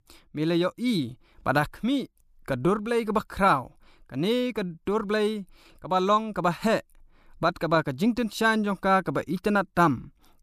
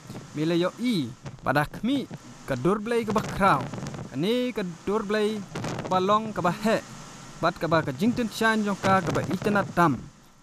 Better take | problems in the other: first | wind noise on the microphone; occasional gusts; 15 dB below the speech

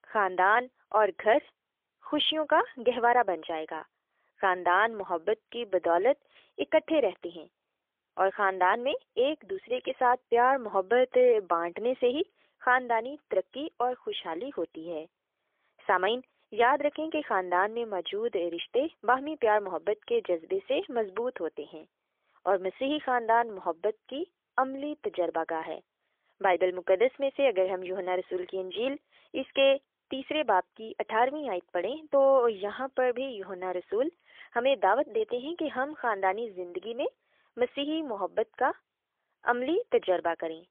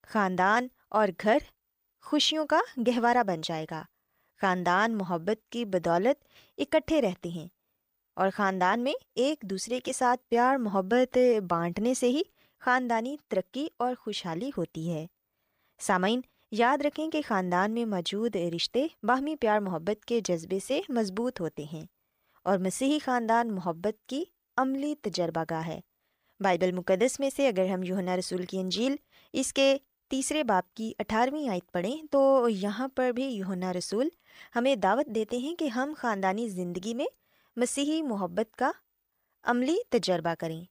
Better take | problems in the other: second | phone-call audio; poor line; nothing above 3.5 kHz

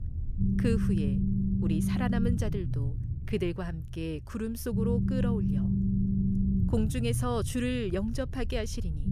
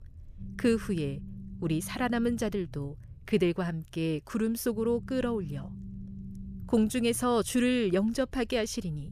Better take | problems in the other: second | low rumble; loud; throughout; 2 dB below the speech; faint in the second

